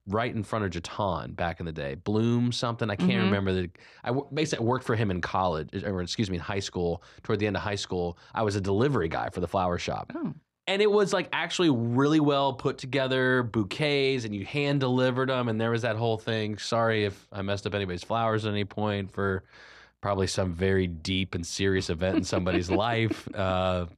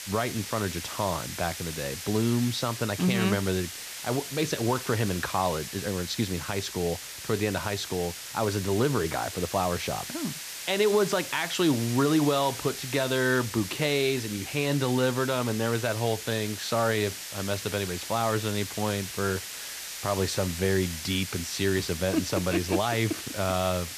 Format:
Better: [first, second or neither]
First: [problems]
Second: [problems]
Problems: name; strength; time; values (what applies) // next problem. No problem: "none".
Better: first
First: none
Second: hiss; loud; throughout; 8 dB below the speech